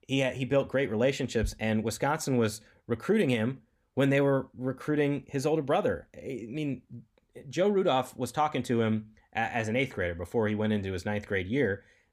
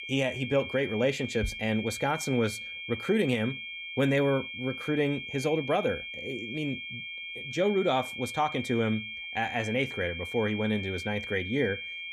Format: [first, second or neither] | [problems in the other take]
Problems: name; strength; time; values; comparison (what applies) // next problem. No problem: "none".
first | high-pitched whine; loud; throughout; 2.5 kHz, 7 dB below the speech